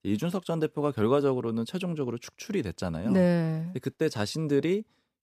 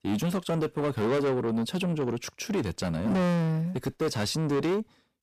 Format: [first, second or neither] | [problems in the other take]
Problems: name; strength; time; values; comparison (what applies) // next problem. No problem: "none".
first | distortion; heavy; 7 dB below the speech